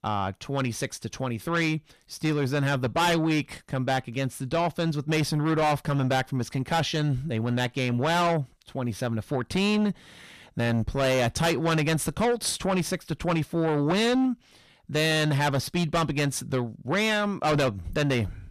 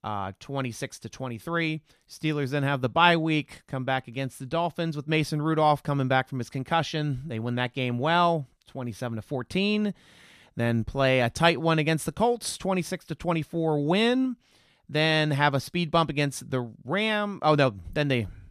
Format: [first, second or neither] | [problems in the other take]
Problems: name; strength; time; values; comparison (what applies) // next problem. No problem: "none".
second | distortion; heavy; 6 dB below the speech